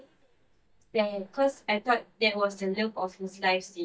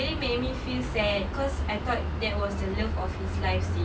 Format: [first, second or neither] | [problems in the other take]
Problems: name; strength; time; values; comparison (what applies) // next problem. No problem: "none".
second | noise reduction (neural mask model DeepFilterNet 3)